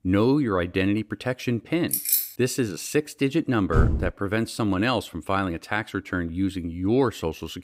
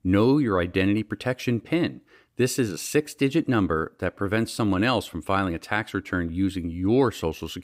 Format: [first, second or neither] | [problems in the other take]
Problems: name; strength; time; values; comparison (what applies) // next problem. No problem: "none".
second | jangling keys; loud; at 2 s; peak 4 dB above the speech // door banging; loud; at 3.5 s; peak 2 dB above the speech